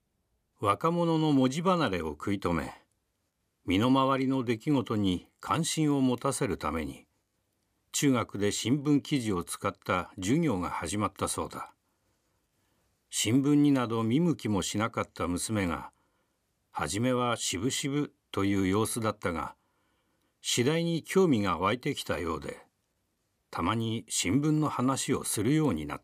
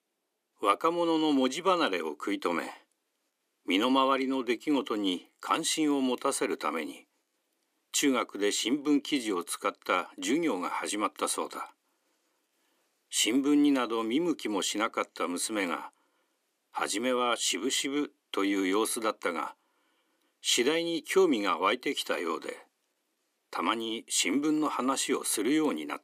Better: first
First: none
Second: thin; very slightly; fading below 300 Hz

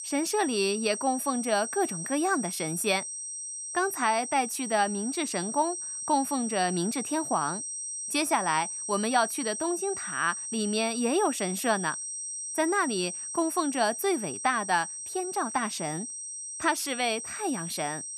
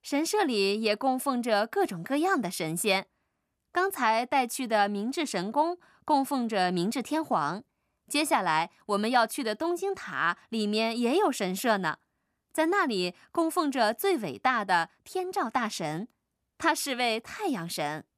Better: second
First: high-pitched whine; loud; throughout; 8.5 kHz, 5 dB below the speech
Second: none

